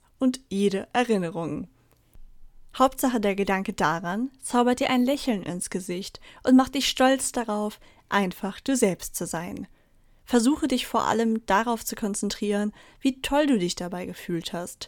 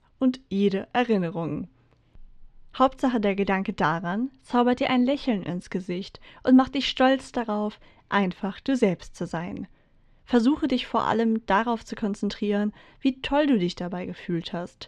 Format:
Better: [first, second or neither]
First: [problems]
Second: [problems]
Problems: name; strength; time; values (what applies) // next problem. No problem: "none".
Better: first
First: none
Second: muffled; slightly; fading above 4 kHz